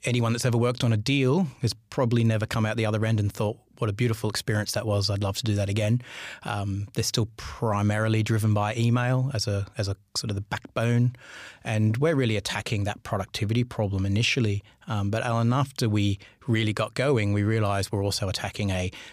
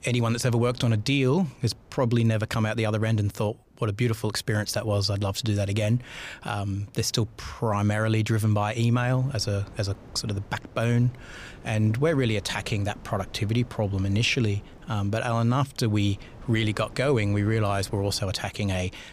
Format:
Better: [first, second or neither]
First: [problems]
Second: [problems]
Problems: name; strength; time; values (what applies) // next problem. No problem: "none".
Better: first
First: none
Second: wind noise on the microphone; occasional gusts; 25 dB below the speech